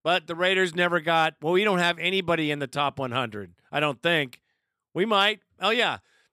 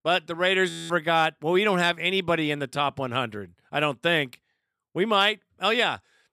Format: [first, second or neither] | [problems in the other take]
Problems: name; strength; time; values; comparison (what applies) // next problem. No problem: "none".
first | audio freezing; at 0.5 s